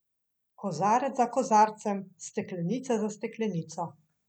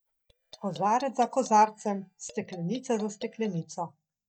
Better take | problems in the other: first | noise reduction (neural mask model DeepFilterNet 3)

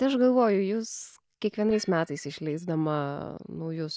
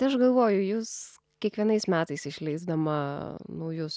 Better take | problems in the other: second | noise reduction (neural mask model DeepFilterNet 3)

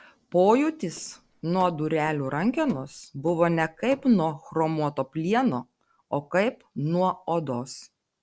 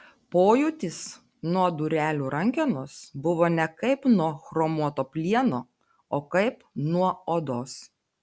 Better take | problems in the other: second | noise reduction (neural separator model SepFormer DNS4)

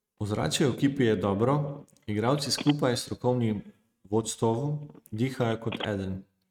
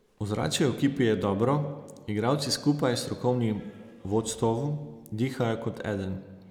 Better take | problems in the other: second | noise reduction (neural mask model RNNoise)

